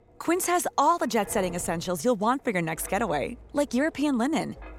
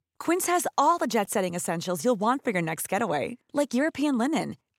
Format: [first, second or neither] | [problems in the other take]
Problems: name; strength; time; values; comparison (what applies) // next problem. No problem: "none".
second | wind noise on the microphone; occasional gusts; 20 dB below the speech